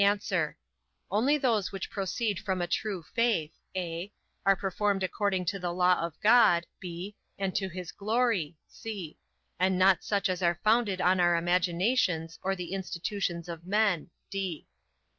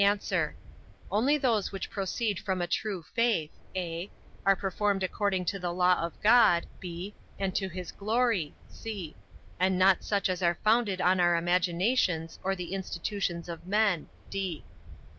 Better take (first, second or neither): first